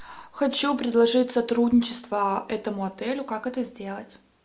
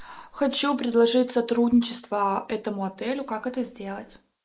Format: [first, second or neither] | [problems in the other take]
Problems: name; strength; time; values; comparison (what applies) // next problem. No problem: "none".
first | noise reduction (neural mask model Resemble Enhance denoiser)